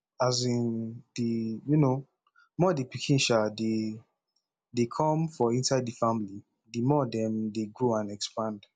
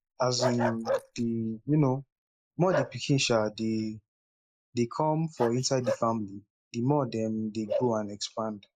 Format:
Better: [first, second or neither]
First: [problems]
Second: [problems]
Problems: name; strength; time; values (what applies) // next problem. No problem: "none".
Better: first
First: none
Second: noise reduction (neural mask model Resemble Enhance denoiser)